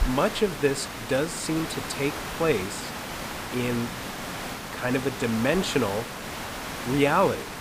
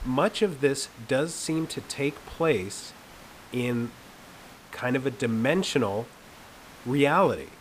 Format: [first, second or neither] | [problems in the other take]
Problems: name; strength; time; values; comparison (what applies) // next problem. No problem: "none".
second | hiss; loud; throughout; 7 dB below the speech; faint in the second